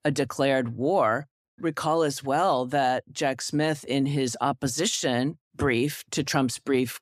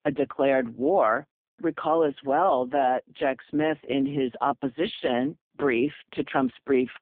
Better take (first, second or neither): first